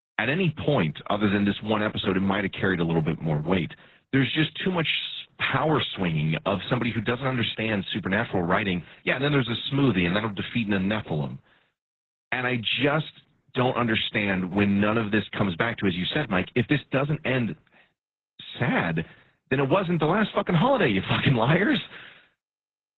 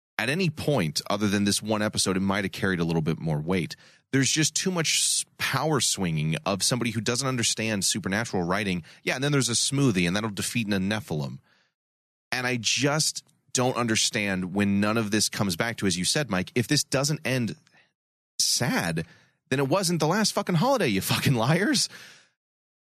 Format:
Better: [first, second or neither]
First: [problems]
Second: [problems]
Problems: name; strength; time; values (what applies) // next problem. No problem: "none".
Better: second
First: garbled, watery; badly; nothing above 4 kHz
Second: none